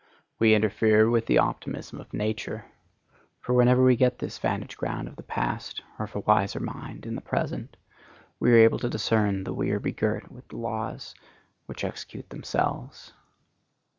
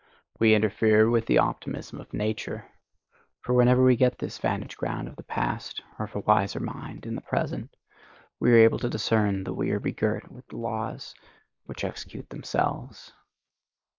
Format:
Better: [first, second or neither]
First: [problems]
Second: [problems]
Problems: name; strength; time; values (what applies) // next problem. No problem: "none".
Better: first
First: none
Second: noise reduction (neural mask model Resemble Enhance denoiser)